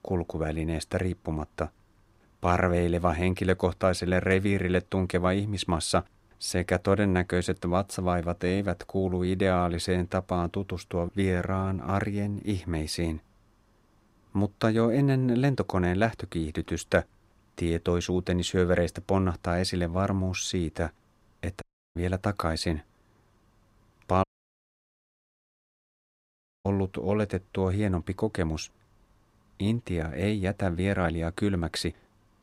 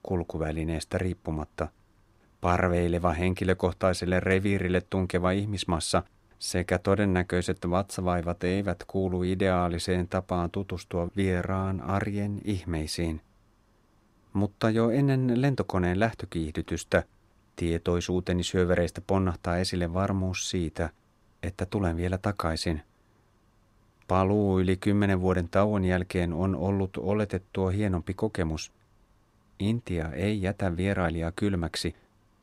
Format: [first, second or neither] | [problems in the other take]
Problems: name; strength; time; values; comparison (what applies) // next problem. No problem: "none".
second | audio cutting out; at 22 s and at 24 s for 2.5 s